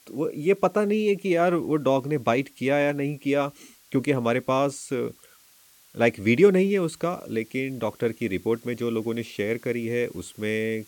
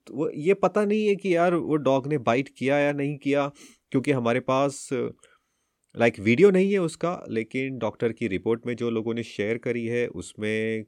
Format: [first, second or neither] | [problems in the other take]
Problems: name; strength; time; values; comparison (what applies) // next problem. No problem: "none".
second | hiss; faint; throughout; 25 dB below the speech